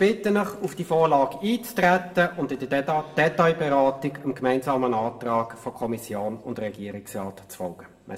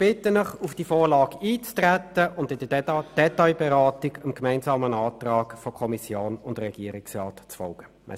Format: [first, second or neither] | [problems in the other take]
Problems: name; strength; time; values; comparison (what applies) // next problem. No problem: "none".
second | room echo; dies away in 1 s